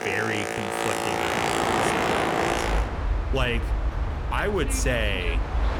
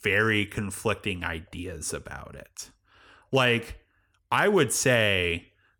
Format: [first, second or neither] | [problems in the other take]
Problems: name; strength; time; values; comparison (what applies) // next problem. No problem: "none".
second | train or aircraft noise; very loud; throughout; 3 dB above the speech